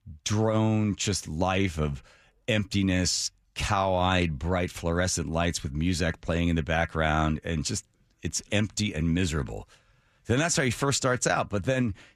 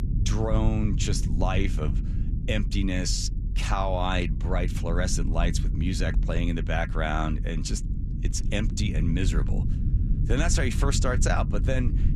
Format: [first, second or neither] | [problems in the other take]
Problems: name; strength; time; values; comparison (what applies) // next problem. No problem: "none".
first | low rumble; noticeable; throughout; 10 dB below the speech